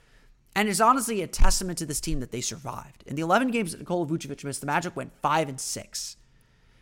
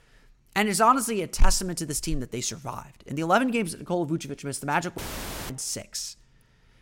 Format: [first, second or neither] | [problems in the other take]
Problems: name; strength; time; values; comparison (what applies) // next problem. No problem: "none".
first | audio cutting out; filled with static; at 5 s for 0.5 s